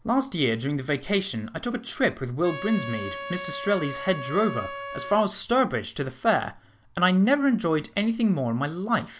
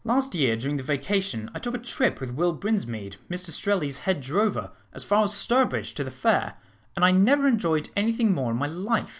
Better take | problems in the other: second | background sound (Trumpet); 11 dB below the speech

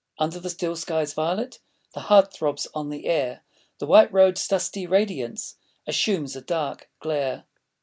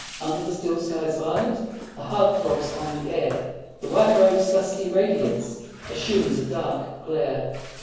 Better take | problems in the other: first | background sound (Bathtub (filling or washing)); 16 dB below the speech // room echo; dies away in 1.3 s

